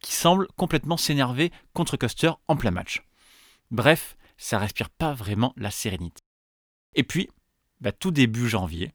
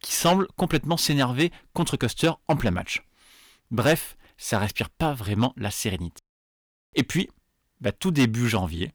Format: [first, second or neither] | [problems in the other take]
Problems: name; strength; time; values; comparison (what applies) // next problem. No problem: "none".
first | distortion; slight; 1.9% of the sound clipped